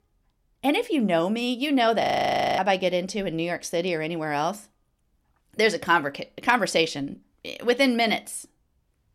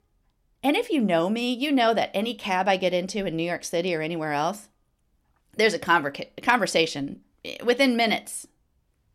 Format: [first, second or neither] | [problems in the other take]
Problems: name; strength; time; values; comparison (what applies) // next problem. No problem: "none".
second | audio freezing; at 2 s for 0.5 s